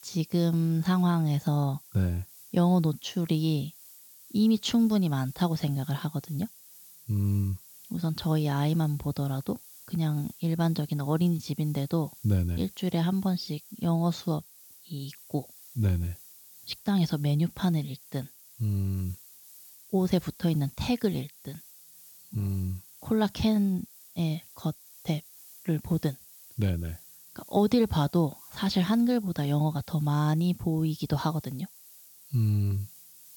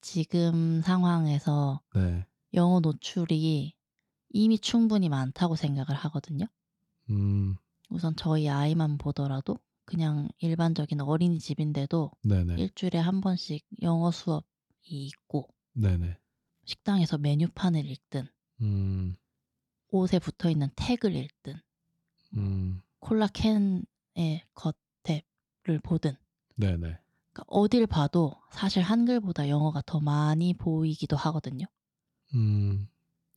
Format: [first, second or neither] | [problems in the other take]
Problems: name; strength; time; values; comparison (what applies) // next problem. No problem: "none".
second | hiss; noticeable; throughout; 20 dB below the speech